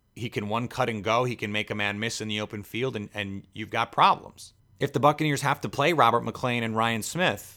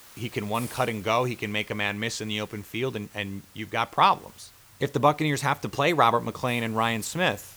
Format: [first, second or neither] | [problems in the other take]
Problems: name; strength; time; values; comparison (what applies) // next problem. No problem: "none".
first | hiss; faint; throughout; 20 dB below the speech